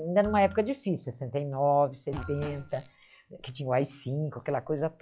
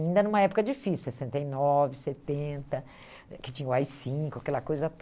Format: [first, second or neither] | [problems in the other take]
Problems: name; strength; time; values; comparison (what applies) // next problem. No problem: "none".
second | noise reduction (classical method log-MMSE)